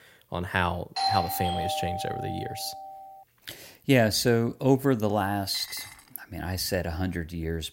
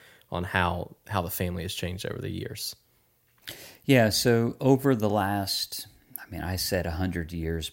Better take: second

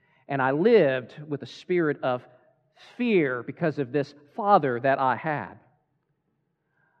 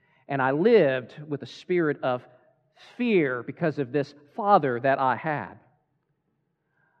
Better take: neither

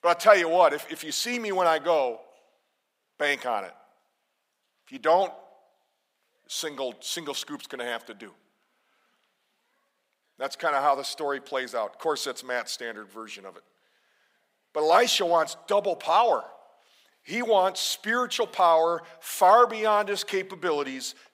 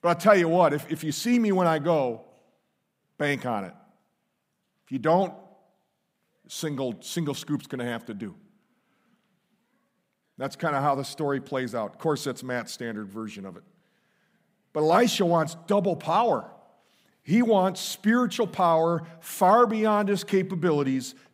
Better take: second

